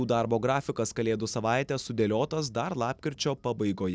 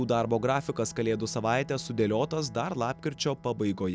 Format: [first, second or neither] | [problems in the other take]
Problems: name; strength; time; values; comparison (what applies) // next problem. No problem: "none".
first | background sound (Bowed string instrument); 19 dB below the speech